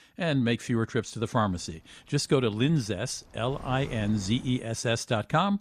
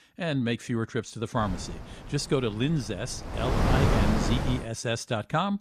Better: first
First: wind noise on the microphone; occasional gusts; from 1.5 to 4.5 s; 20 dB below the speech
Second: wind noise on the microphone; heavy; from 1.5 to 4.5 s; 1 dB above the speech

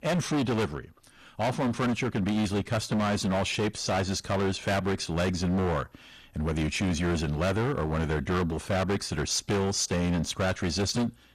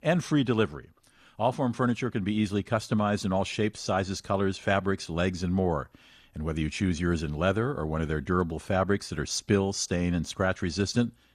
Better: second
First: distortion; heavy; 23% of the sound clipped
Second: none

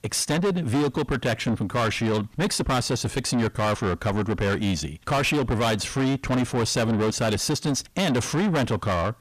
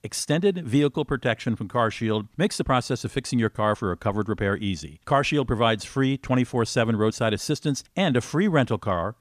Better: second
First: distortion; heavy; 6 dB below the speech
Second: none

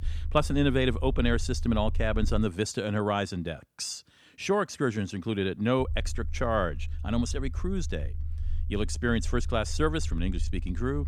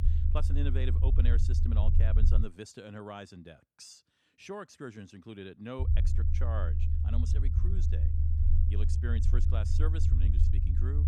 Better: first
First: low rumble; faint; until 2.5 s and from 6 s on; 25 dB below the speech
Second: low rumble; loud; until 2.5 s and from 6 s on; 2 dB below the speech

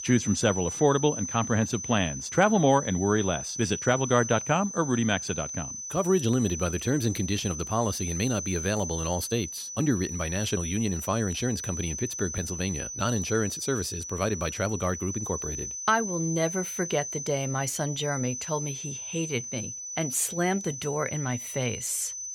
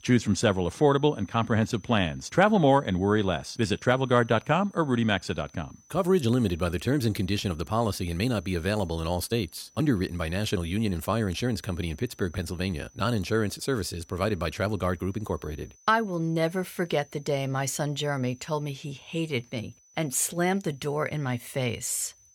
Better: second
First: high-pitched whine; loud; throughout; 6 kHz, 6 dB below the speech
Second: high-pitched whine; faint; throughout; 6 kHz, 30 dB below the speech

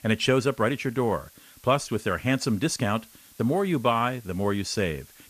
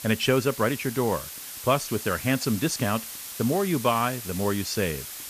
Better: first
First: hiss; faint; throughout; 25 dB below the speech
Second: hiss; loud; throughout; 9 dB below the speech

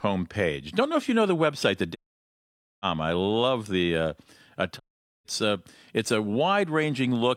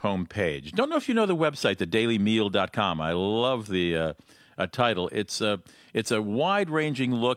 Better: second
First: audio cutting out; at 2 s for 1 s and at 5 s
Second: none

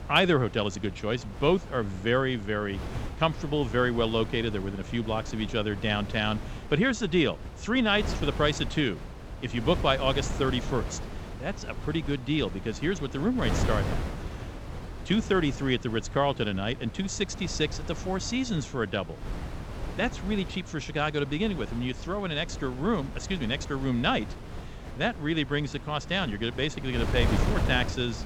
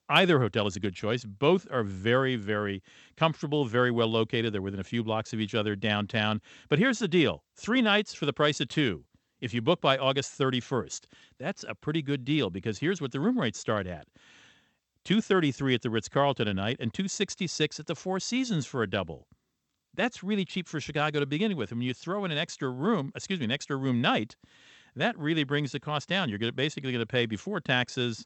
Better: second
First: wind noise on the microphone; occasional gusts; 15 dB below the speech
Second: none

